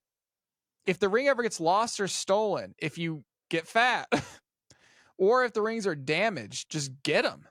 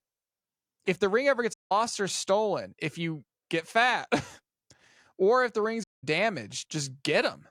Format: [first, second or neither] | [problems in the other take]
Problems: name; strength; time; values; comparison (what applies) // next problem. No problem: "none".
first | audio cutting out; at 1.5 s and at 6 s